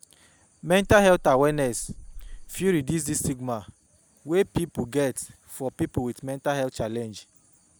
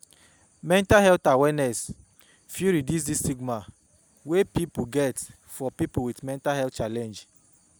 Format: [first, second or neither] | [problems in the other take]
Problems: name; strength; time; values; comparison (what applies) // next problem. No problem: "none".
second | background sound (Meow); 16 dB below the speech